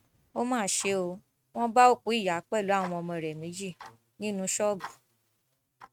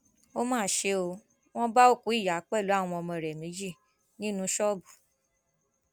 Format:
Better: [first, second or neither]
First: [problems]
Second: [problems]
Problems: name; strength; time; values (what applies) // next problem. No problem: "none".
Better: second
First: noise reduction (neural mask model RNNoise)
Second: none